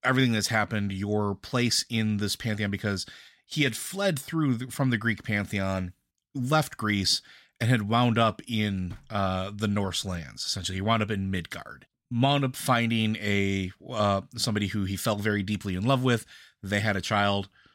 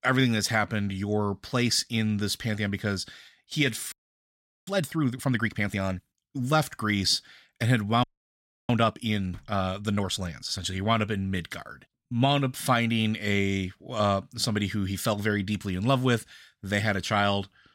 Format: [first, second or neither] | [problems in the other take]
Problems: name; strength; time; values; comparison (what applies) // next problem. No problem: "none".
first | audio freezing; at 4 s for 1 s and at 8 s for 0.5 s